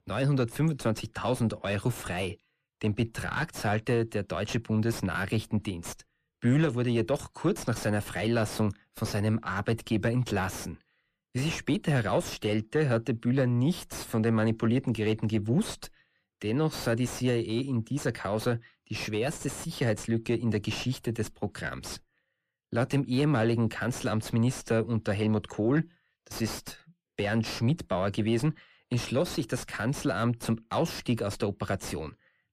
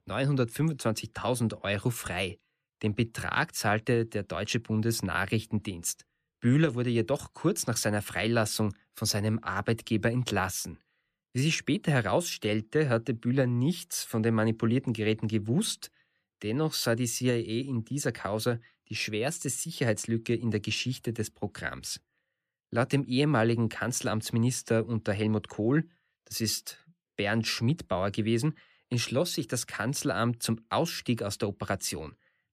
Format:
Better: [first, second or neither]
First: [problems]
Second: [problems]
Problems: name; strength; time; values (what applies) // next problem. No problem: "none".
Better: second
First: distortion; slight; 9 dB below the speech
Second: none